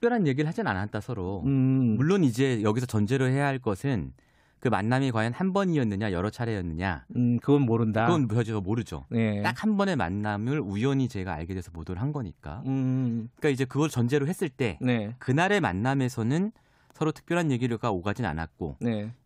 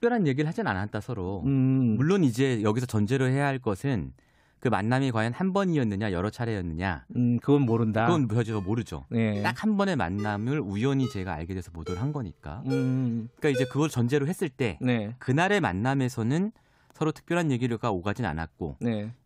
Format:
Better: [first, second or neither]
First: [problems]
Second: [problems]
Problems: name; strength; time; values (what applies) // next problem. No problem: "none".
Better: first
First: none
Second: phone ringing; noticeable; from 7.5 to 14 s; peak 7 dB below the speech